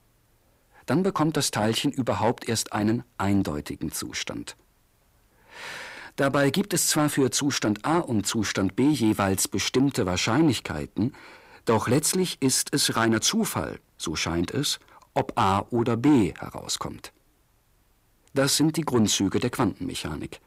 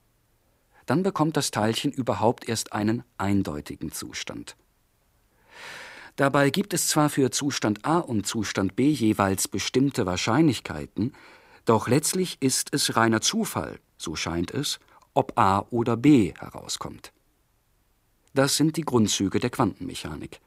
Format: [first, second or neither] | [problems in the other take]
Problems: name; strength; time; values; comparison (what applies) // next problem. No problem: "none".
second | distortion; slight; 10 dB below the speech